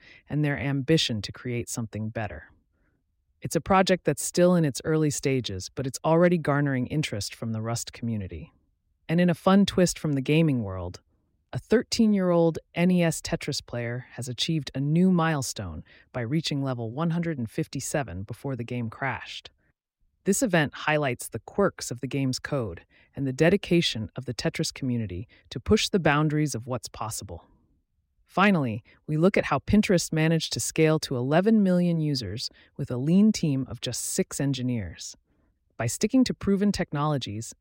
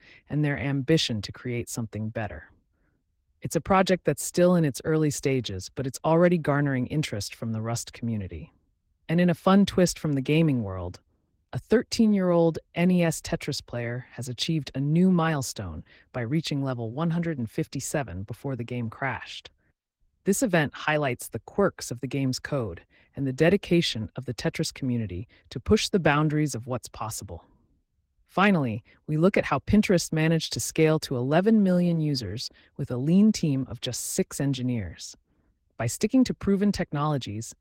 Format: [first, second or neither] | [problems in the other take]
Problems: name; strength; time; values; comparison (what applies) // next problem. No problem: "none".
first | garbled, watery; slightly; nothing above 16 kHz